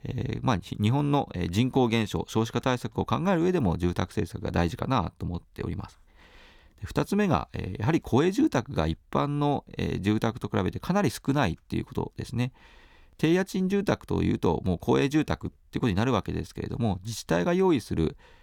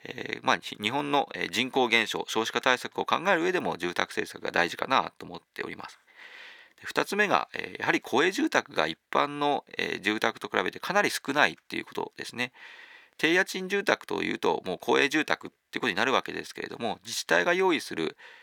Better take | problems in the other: first | thin; somewhat; fading below 450 Hz

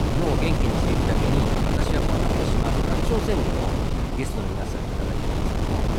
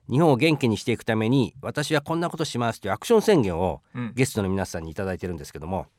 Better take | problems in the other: second | wind noise on the microphone; heavy; 5 dB above the speech

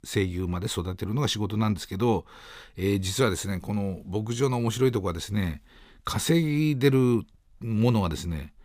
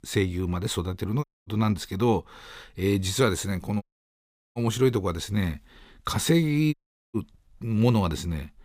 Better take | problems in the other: first | audio cutting out; at 1 s, at 4 s for 0.5 s and at 6.5 s

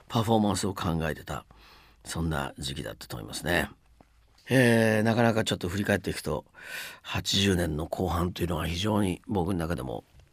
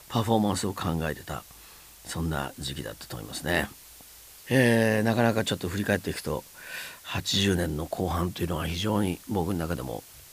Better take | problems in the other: first | hiss; noticeable; throughout; 20 dB below the speech

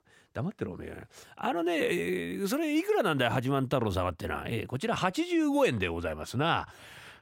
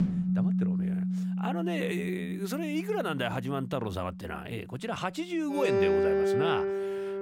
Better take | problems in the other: first | background music; very loud; throughout; 3 dB above the speech

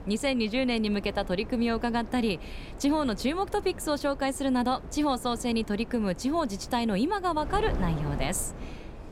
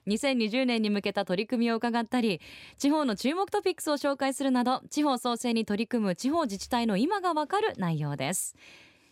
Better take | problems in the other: second | wind noise on the microphone; occasional gusts; 15 dB below the speech

